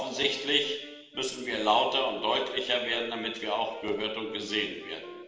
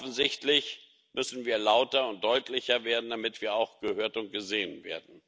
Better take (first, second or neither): second